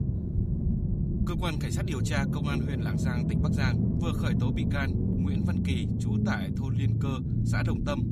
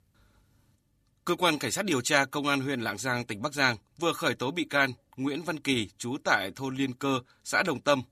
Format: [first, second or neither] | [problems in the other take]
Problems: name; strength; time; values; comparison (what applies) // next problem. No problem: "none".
second | low rumble; loud; throughout; 1 dB below the speech